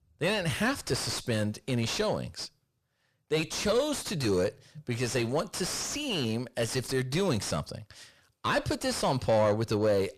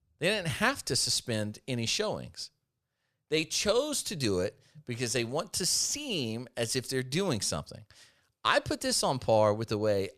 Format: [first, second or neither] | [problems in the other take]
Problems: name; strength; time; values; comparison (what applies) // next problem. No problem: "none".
second | distortion; heavy; 6 dB below the speech